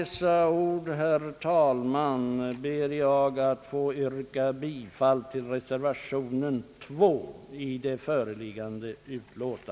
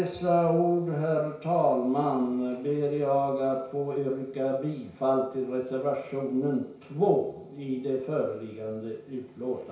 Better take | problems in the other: first | room echo; dies away in 0.6 s

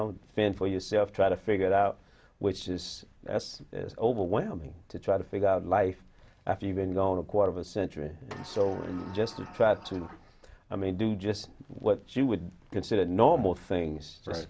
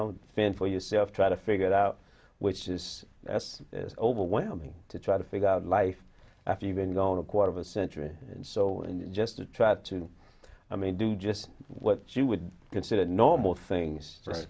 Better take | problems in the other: second | background sound (Sliding door); 19 dB below the speech

